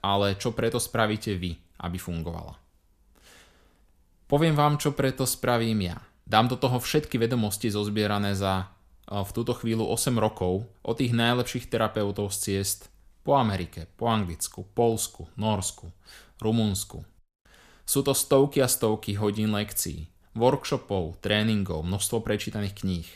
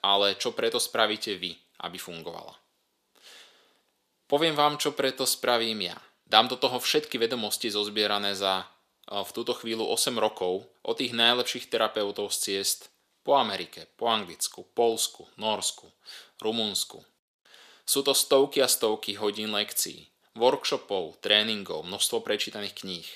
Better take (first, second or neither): first